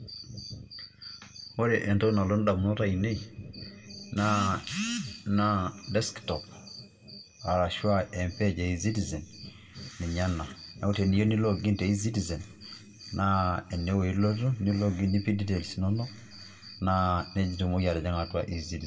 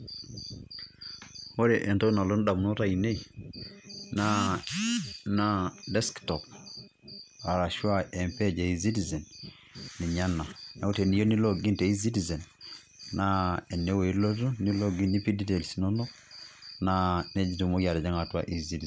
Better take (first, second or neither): second